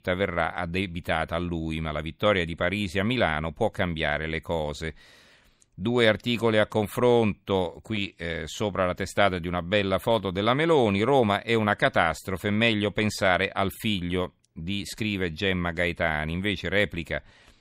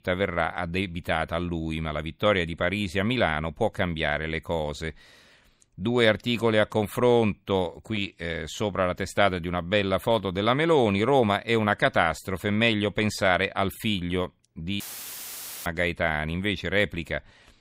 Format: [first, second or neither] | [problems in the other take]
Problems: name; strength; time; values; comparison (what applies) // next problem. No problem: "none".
first | audio cutting out; filled with static; at 15 s for 1 s